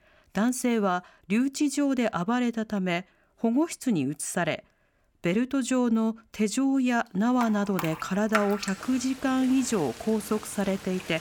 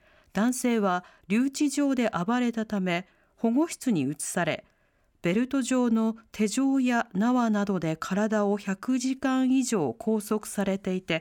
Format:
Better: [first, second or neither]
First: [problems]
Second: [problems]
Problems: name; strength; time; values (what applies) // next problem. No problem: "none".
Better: second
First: rain or running water; noticeable; from 7.5 s on; 10 dB below the speech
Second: none